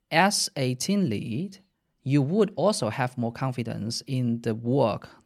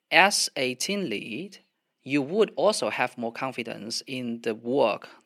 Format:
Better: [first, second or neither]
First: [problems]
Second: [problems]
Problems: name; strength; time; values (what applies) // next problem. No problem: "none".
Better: first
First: none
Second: thin; somewhat; fading below 350 Hz